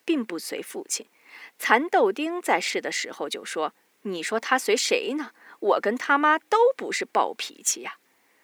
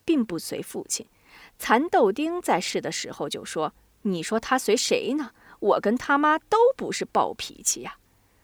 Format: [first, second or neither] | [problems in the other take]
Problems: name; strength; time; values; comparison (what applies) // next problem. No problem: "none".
second | thin; very slightly; fading below 250 Hz